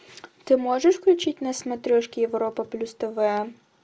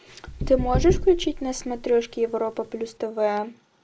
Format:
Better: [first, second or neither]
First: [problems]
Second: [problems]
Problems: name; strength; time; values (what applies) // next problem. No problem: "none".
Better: first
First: none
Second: background sound (Knock / Wood); 6 dB below the speech